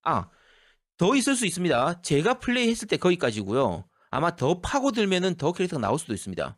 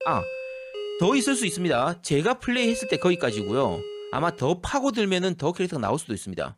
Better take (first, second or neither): first